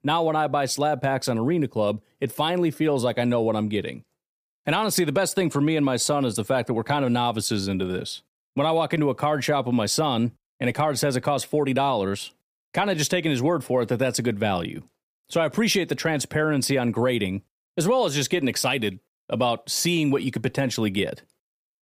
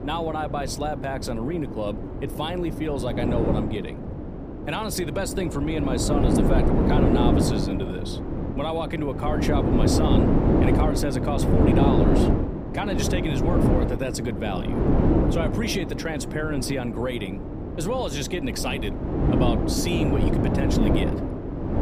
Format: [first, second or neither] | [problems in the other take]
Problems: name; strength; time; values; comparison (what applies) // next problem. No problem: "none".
first | wind noise on the microphone; heavy; 1 dB above the speech